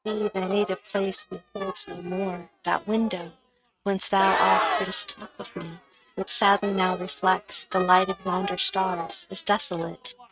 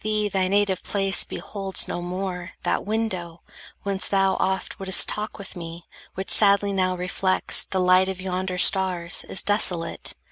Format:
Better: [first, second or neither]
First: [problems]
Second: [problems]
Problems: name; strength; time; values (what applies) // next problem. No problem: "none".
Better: second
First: noise reduction (neural mask model RNNoise)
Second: none